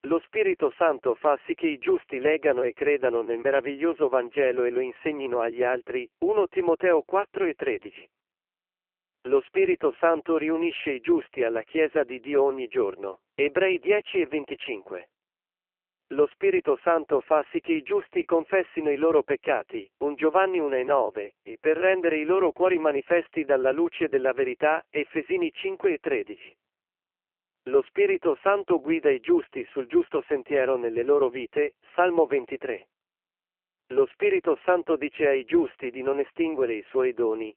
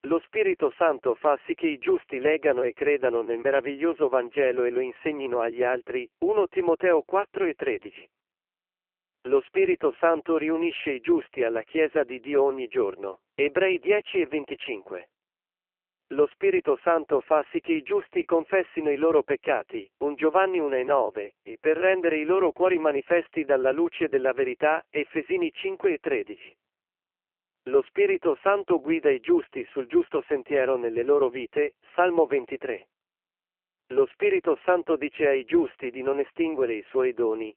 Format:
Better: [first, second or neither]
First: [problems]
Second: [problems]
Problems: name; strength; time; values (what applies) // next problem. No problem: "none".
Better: neither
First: phone-call audio; poor line; nothing above 3 kHz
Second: phone-call audio; poor line; nothing above 3 kHz